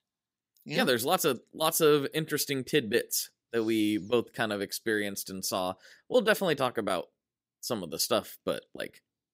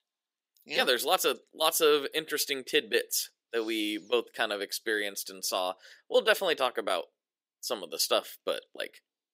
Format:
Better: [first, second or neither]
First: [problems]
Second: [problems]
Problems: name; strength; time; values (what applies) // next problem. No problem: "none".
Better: first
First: none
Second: thin; somewhat; fading below 450 Hz